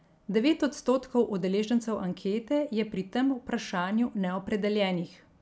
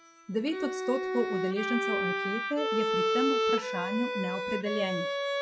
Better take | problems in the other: first | noise reduction (classical method log-MMSE)

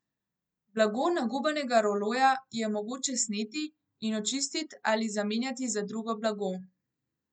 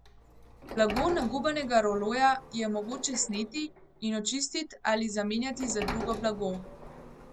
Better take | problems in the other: first | background sound (Sliding door); 12 dB below the speech

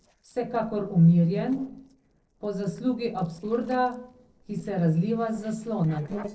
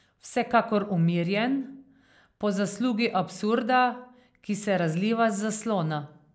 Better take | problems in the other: second | noise reduction (neural separator model SepFormer DNS4)

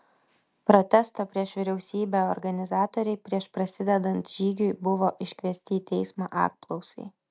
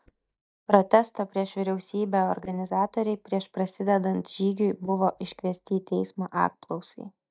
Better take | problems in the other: first | noise reduction (neural mask model DeepFilterNet 3)

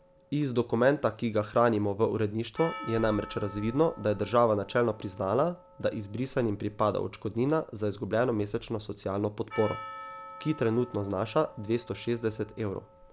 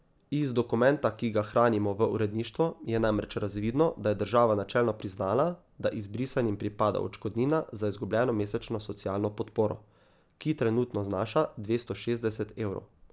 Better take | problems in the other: second | background sound (Percussion); 18 dB below the speech

